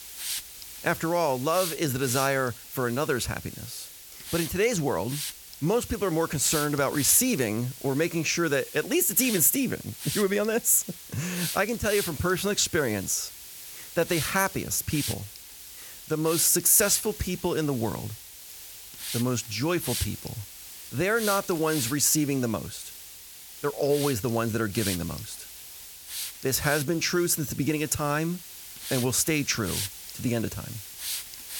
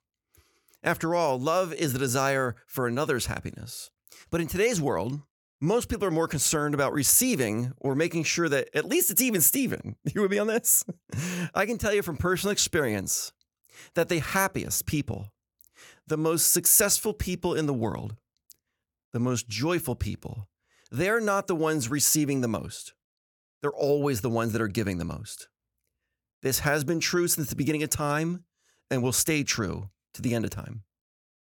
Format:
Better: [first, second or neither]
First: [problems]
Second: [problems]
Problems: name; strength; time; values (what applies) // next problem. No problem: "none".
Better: second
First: hiss; noticeable; throughout; 10 dB below the speech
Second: none